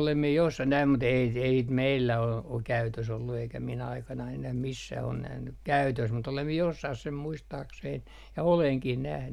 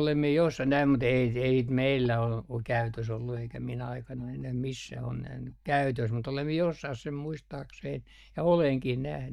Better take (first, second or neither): first